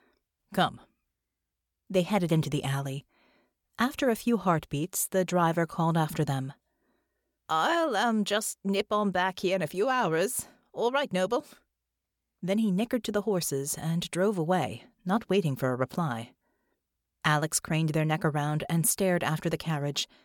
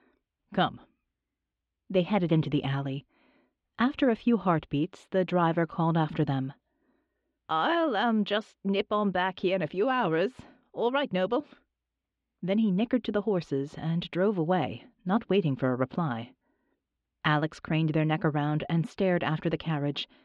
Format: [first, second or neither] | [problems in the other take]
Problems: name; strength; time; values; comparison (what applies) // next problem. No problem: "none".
first | muffled; very; fading above 3.5 kHz